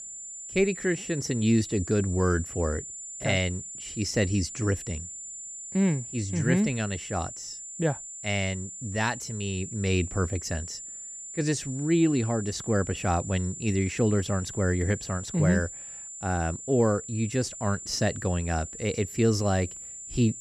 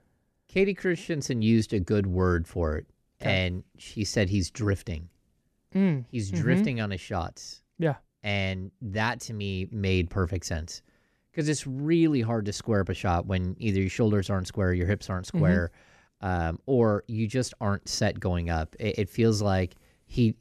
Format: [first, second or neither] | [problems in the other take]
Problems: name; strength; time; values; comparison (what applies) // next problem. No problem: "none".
second | high-pitched whine; loud; throughout; 7 kHz, 10 dB below the speech